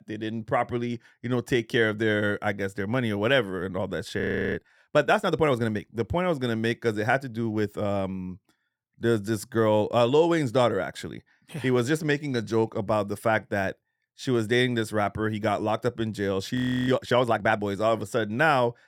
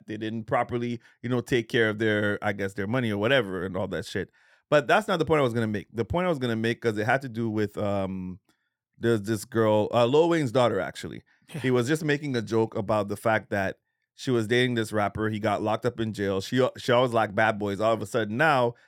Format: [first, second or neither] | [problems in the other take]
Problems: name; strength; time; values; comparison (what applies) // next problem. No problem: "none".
second | audio freezing; at 4 s and at 17 s